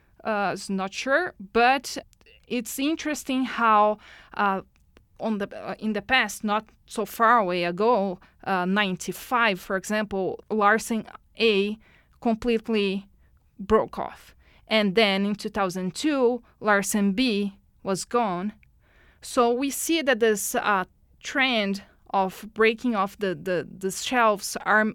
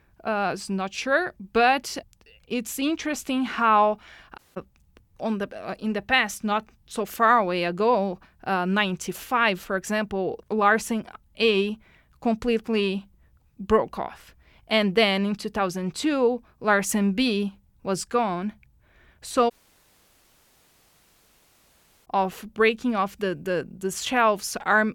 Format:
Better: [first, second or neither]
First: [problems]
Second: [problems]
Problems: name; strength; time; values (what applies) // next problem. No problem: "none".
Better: first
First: none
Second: audio cutting out; at 4.5 s and at 20 s for 2.5 s